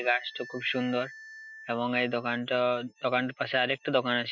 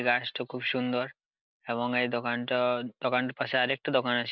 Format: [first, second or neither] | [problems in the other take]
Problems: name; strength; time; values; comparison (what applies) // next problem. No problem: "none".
second | noise reduction (classical method Wiener filter)